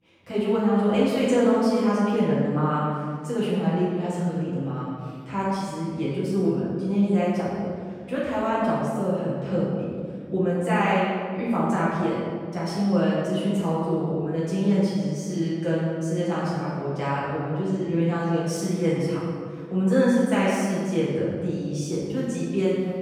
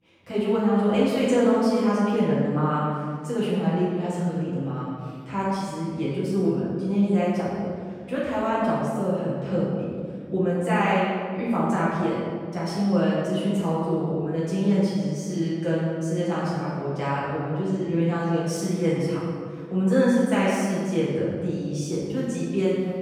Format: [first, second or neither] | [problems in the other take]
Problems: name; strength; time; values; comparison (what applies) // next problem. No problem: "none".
neither | off-mic speech; far; the same in both // room echo; strong; dies away in 1.7 s; the same in both